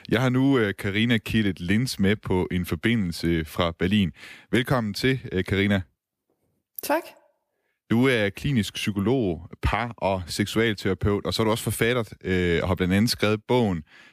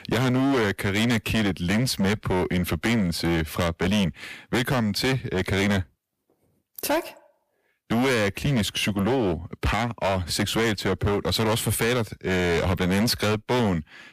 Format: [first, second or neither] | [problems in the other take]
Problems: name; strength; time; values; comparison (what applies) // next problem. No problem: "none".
first | distortion; heavy; 21% of the sound clipped